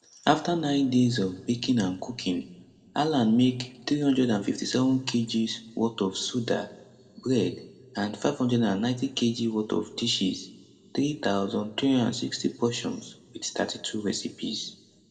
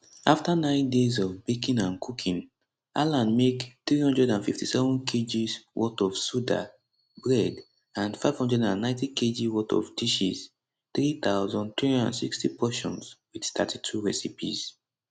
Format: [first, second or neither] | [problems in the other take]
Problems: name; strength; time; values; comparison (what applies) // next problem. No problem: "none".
second | room echo; dies away in 1.1 s